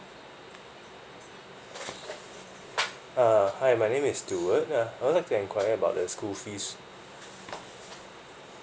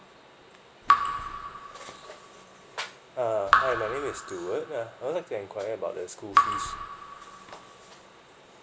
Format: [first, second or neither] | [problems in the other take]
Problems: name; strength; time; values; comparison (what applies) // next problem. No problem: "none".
first | background sound (Raindrop / Drip); 4 dB above the speech